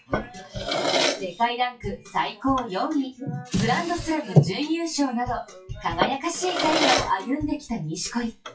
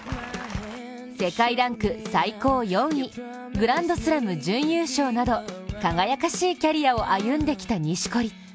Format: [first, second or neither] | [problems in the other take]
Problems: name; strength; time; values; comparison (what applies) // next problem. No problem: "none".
second | noise reduction (classical method WPE with log-MMSE)